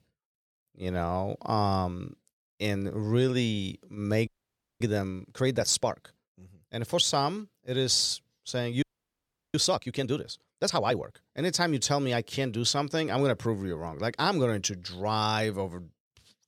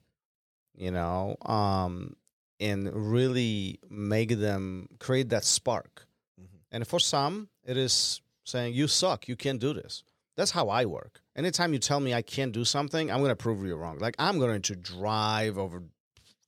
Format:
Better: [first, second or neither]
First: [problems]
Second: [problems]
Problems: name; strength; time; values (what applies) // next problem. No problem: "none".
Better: second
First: audio freezing; at 4.5 s for 0.5 s and at 9 s for 0.5 s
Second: none